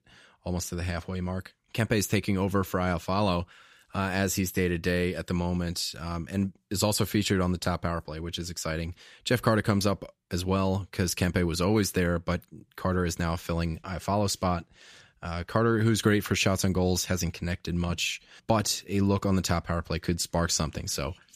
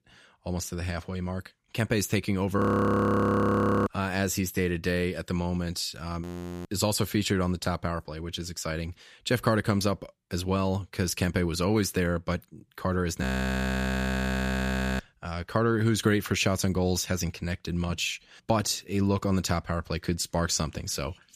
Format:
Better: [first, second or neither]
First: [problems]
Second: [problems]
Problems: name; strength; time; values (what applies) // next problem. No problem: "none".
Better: first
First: none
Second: audio freezing; at 2.5 s for 1.5 s, at 6 s and at 13 s for 2 s